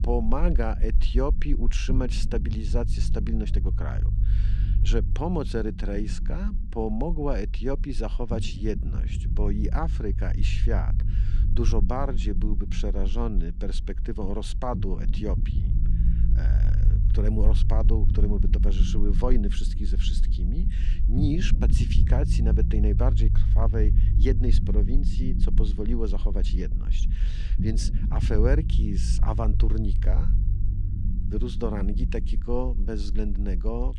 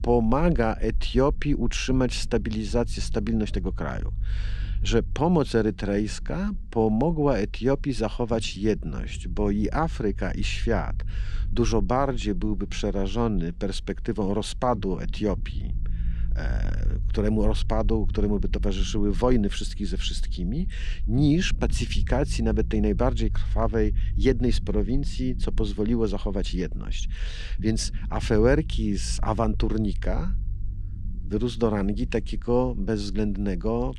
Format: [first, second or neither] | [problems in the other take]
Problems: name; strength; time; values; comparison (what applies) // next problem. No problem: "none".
second | low rumble; loud; throughout; 9 dB below the speech; faint in the second